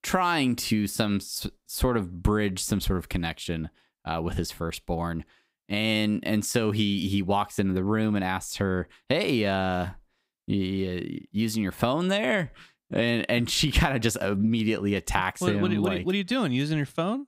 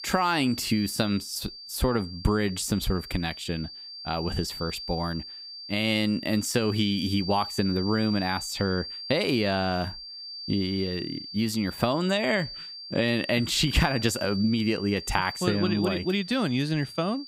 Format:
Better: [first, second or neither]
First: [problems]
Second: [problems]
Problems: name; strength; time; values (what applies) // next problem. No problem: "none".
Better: first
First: none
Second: high-pitched whine; loud; throughout; 4.5 kHz, 10 dB below the speech